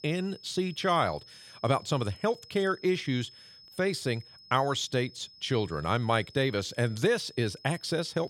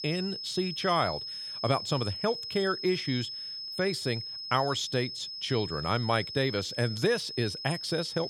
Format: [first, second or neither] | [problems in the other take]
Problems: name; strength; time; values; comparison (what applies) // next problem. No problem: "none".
first | high-pitched whine; loud; throughout; 5 kHz, 6 dB below the speech; faint in the first